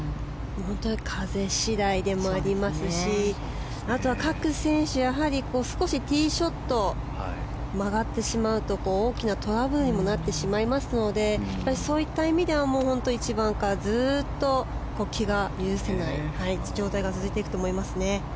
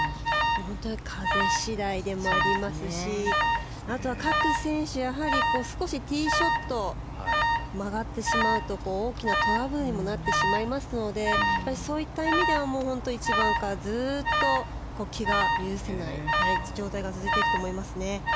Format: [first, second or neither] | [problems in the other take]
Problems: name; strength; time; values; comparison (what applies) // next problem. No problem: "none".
first | background sound (Alarm); 1 dB above the speech